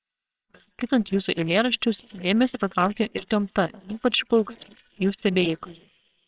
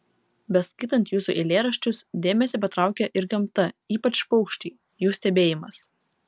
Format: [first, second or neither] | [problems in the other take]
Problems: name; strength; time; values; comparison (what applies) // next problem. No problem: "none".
second | noise reduction (neural separator model SepFormer WHAMR!)